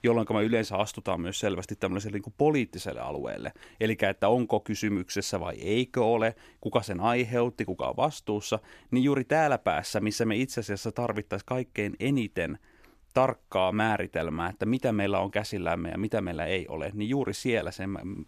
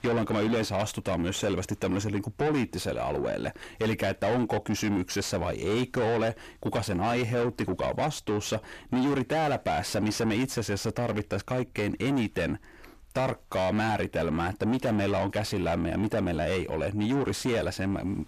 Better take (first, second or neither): first